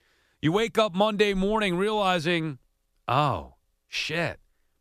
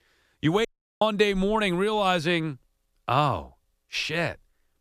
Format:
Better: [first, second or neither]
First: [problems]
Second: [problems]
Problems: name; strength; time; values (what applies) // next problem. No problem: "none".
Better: first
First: none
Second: audio cutting out; at 0.5 s